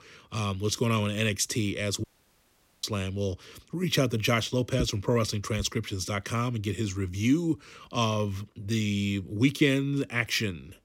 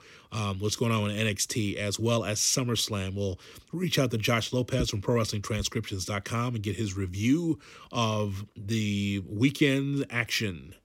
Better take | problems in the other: second | audio cutting out; at 2 s for 1 s

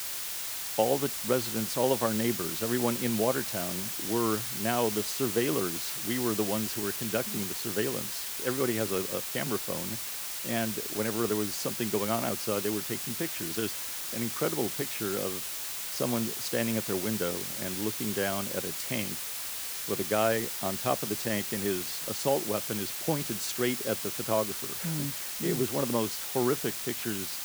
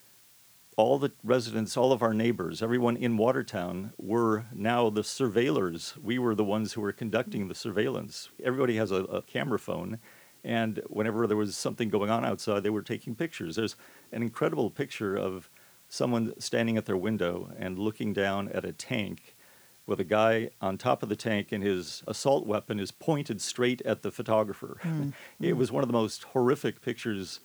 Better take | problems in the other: second | hiss; loud; throughout; 1 dB below the speech; faint in the second

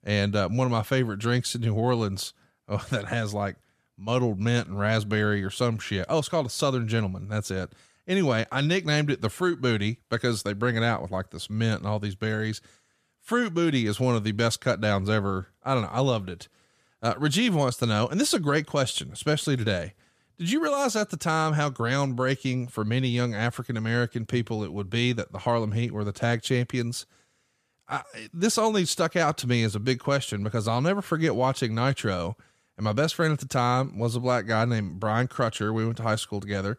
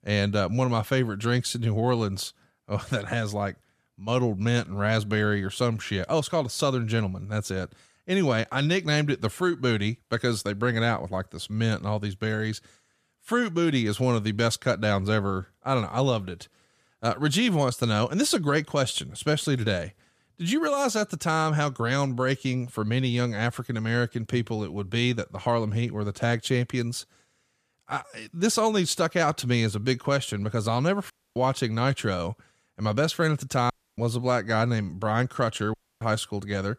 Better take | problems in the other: first | audio cutting out; at 31 s, at 34 s and at 36 s

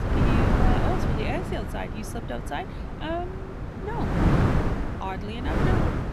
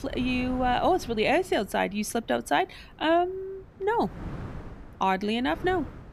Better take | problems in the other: second | wind noise on the microphone; heavy; 2 dB above the speech; occasional gusts in the second

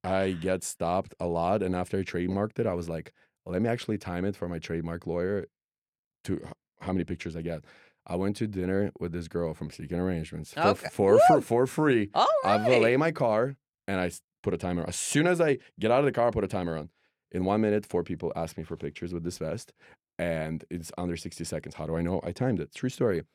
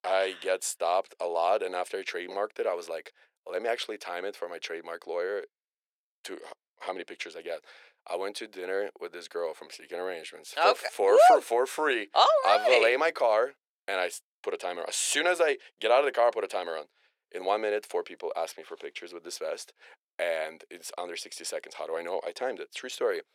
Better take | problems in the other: first | thin; very; fading below 450 Hz

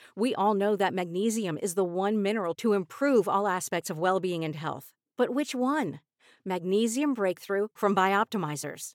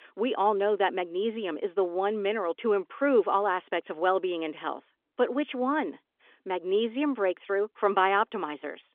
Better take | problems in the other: first | phone-call audio; nothing above 3.5 kHz

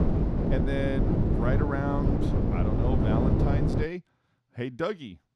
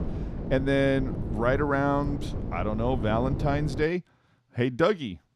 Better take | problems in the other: second | wind noise on the microphone; heavy; until 4 s; 1 dB above the speech; occasional gusts in the second

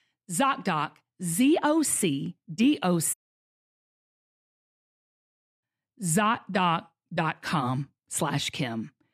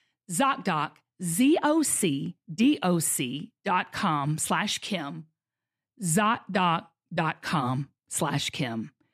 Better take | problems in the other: second | audio cutting out; at 3 s for 2.5 s

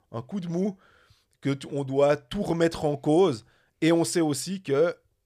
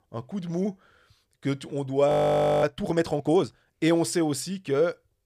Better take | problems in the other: first | audio freezing; at 2 s for 0.5 s

